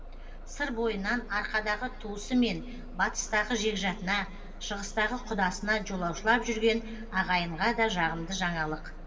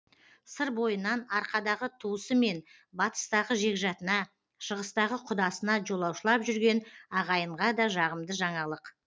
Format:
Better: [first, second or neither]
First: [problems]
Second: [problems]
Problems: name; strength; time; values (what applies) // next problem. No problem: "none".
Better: second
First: background sound (Bus); 11 dB below the speech // room echo; dies away in 1.9 s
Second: none